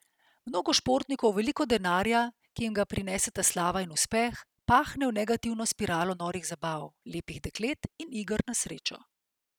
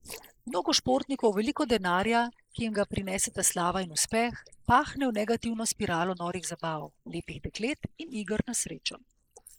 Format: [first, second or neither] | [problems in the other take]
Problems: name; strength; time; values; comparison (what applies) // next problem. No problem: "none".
first | noise reduction (neural mask model Resemble Enhance denoiser)